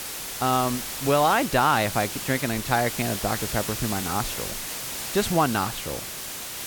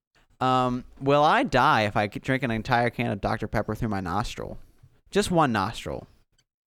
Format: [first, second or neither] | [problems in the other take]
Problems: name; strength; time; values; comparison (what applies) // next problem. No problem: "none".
second | hiss; loud; throughout; 5 dB below the speech